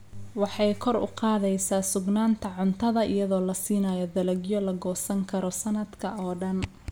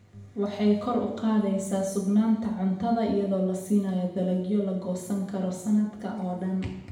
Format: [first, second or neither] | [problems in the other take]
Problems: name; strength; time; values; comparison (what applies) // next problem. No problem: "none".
first | room echo; dies away in 0.8 s